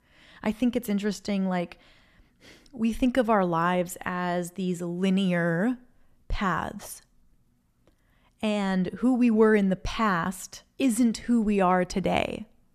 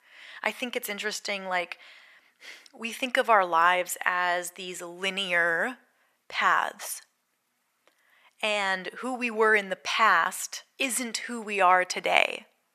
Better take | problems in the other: first | thin; very; fading below 750 Hz

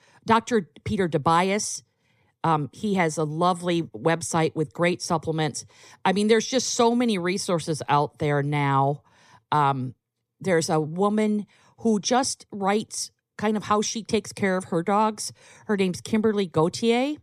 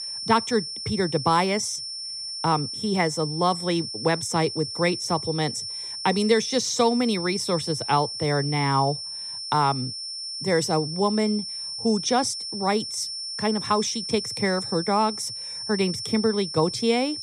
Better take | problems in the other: first | high-pitched whine; loud; throughout; 5.5 kHz, 6 dB below the speech

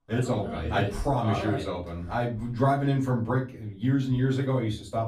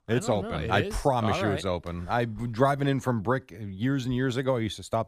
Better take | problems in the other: second | off-mic speech; far // room echo; very slight; dies away in 0.3 s

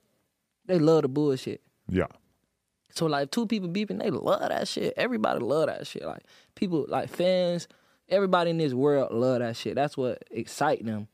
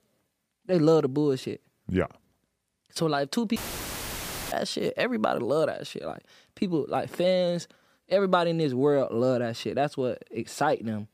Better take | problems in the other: first | audio cutting out; filled with static; at 3.5 s for 1 s

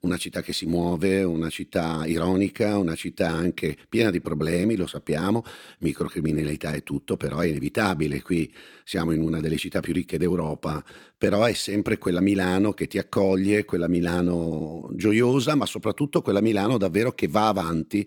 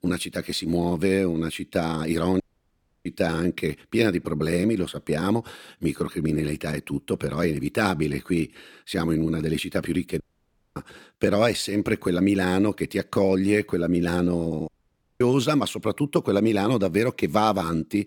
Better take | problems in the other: first | audio cutting out; at 2.5 s for 0.5 s, at 10 s for 0.5 s and at 15 s for 0.5 s

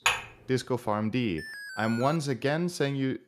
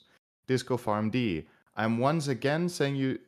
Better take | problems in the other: second | clattering dishes; loud; at the start; peak 2 dB above the speech // alarm; noticeable; at 1.5 s; peak 10 dB below the speech

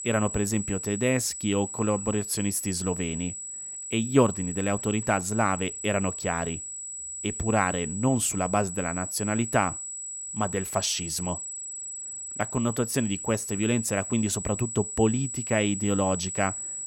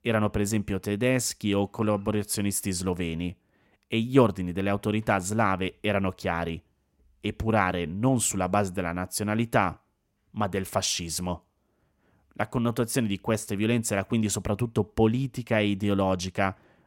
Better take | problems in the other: second | high-pitched whine; loud; throughout; 8 kHz, 6 dB below the speech

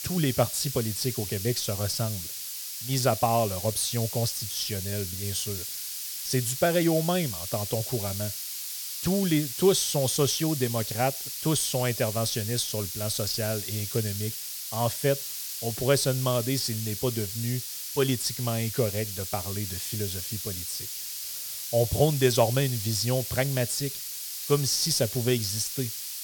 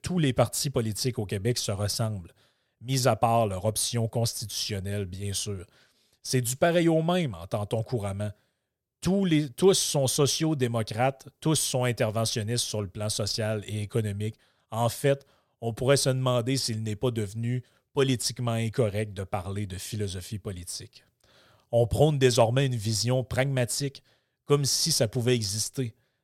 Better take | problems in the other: second | hiss; loud; throughout; 5 dB below the speech

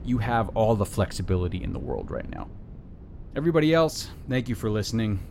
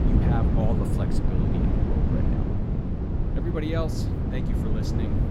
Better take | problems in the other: first | wind noise on the microphone; heavy; 2 dB above the speech; occasional gusts in the first

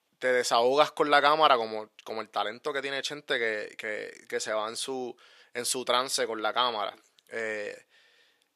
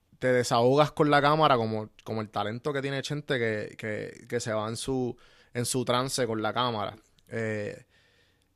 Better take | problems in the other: second | thin; somewhat; fading below 450 Hz

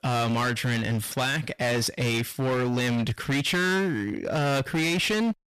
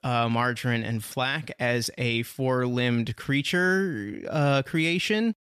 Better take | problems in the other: second | distortion; heavy; 28% of the sound clipped

